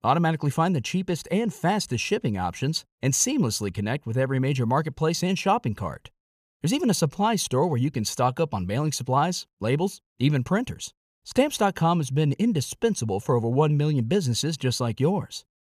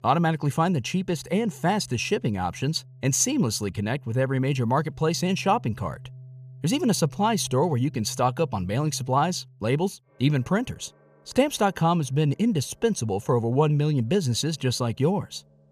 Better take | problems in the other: first | background music; faint; throughout; 20 dB below the speech

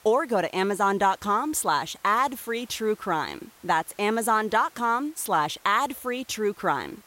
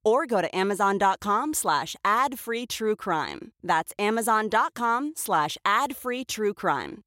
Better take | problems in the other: second | hiss; faint; throughout; 25 dB below the speech

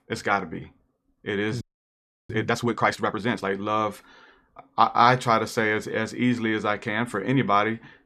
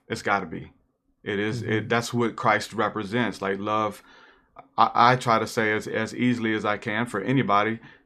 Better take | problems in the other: second | audio freezing; at 1.5 s for 0.5 s

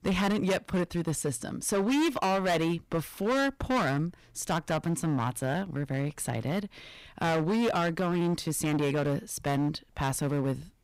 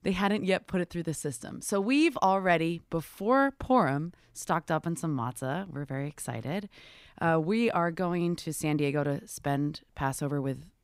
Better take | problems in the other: second | distortion; heavy; 15% of the sound clipped

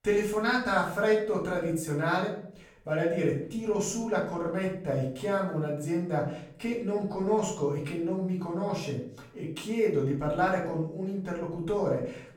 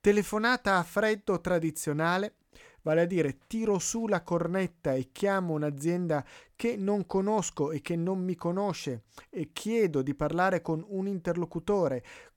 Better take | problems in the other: second | off-mic speech; far // room echo; noticeable; dies away in 0.5 s

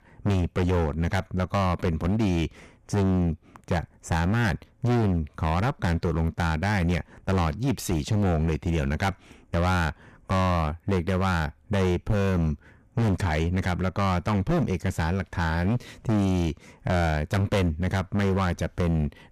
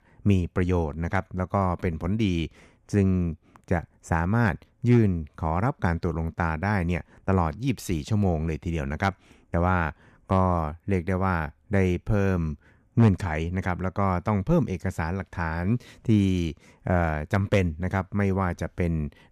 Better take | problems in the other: second | distortion; heavy; 19% of the sound clipped

